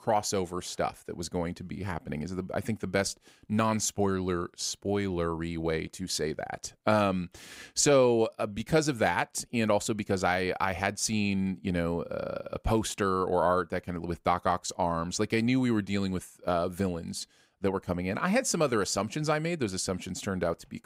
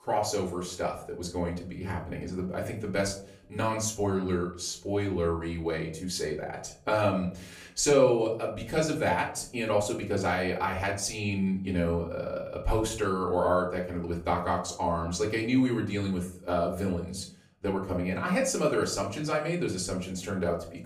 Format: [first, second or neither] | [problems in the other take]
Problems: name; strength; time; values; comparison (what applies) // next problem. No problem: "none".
first | off-mic speech; far // room echo; slight; dies away in 0.4 s